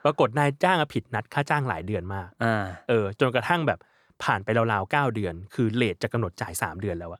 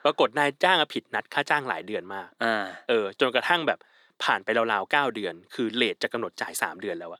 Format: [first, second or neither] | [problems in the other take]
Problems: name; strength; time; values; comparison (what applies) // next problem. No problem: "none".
first | thin; somewhat; fading below 250 Hz